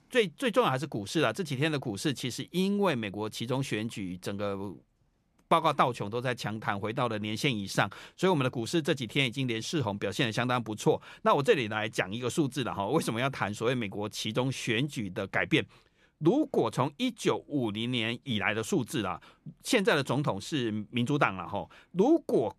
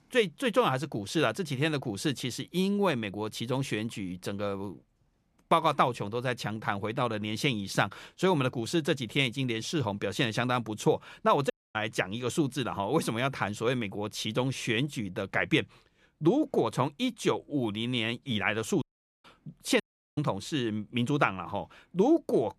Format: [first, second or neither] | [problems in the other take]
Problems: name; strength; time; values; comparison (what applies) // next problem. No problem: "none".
first | audio cutting out; at 12 s, at 19 s and at 20 s